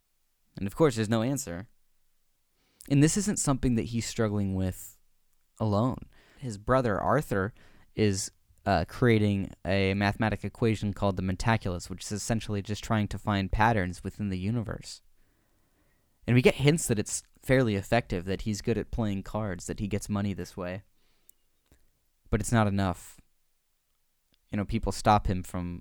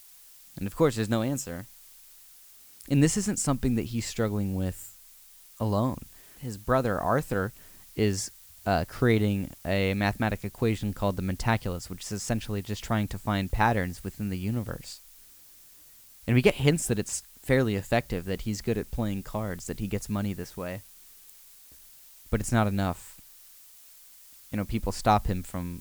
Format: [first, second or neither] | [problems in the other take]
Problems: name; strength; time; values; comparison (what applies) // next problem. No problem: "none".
first | hiss; noticeable; throughout; 20 dB below the speech